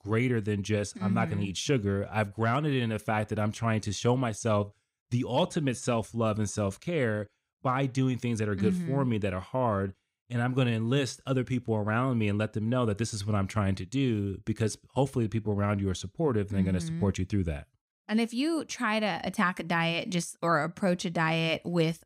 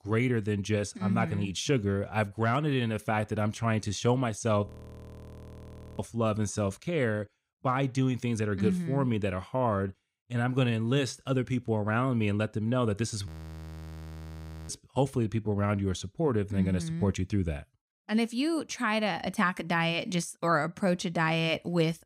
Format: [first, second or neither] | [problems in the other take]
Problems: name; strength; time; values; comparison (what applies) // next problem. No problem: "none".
first | audio freezing; at 4.5 s for 1.5 s and at 13 s for 1.5 s